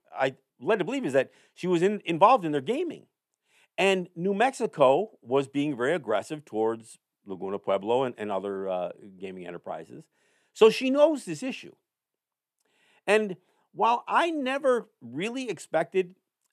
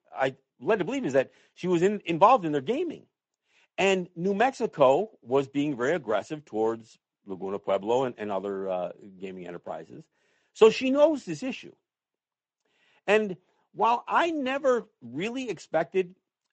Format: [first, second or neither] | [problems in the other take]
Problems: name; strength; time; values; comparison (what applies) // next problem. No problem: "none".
first | garbled, watery; slightly; nothing above 7.5 kHz